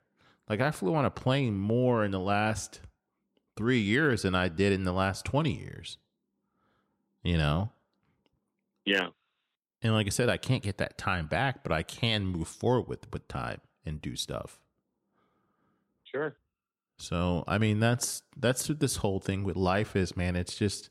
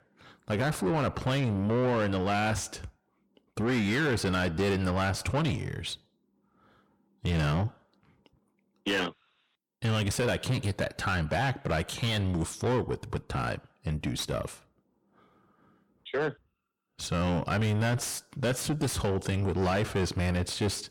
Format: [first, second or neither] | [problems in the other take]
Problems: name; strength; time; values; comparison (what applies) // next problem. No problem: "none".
first | distortion; heavy; 6 dB below the speech